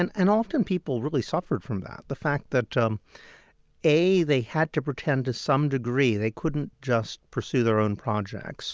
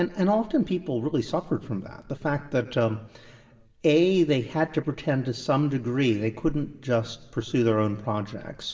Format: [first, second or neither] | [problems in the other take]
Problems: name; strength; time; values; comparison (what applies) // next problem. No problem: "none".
first | room echo; dies away in 2.6 s